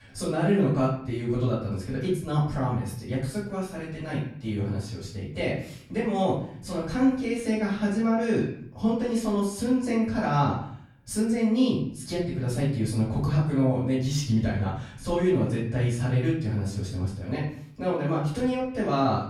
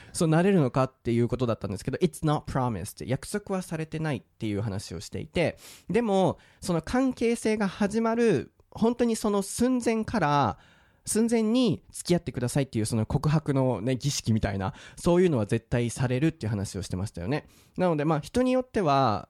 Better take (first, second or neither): second